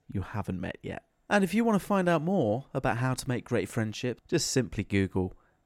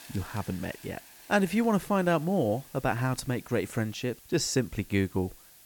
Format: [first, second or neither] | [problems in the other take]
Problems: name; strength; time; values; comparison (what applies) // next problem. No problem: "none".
first | hiss; faint; throughout; 20 dB below the speech